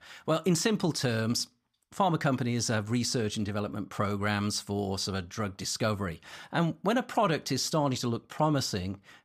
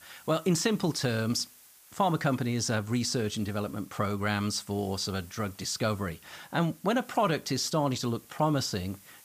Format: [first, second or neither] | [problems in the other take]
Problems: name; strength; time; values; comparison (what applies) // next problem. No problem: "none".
first | hiss; faint; throughout; 25 dB below the speech